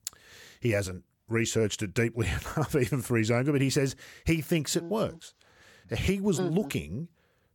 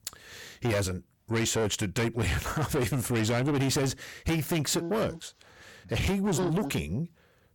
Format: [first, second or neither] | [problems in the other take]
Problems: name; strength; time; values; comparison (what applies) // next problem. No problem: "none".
first | distortion; heavy; 7 dB below the speech